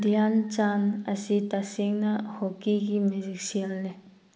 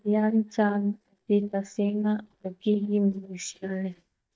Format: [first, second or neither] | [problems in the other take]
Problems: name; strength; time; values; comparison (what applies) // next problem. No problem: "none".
first | noise reduction (neural mask model DeepFilterNet 3)